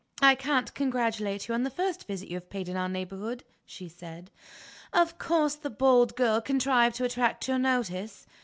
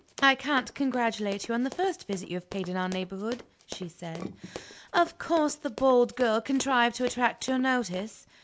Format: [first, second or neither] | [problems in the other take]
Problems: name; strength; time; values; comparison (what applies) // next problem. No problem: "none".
first | background sound (Run); 18 dB below the speech